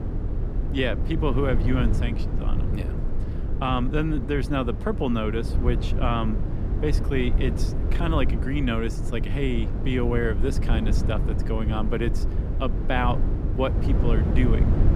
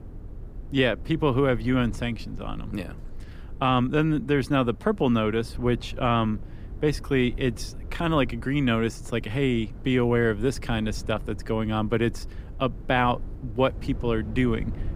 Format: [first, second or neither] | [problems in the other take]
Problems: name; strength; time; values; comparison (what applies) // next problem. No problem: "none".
second | low rumble; loud; throughout; 8 dB below the speech; faint in the second